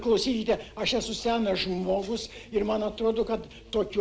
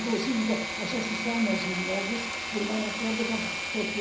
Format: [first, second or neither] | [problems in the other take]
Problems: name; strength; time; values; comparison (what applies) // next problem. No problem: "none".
first | background sound (Engine / Mechanisms); 2 dB below the speech // room echo; dies away in 0.5 s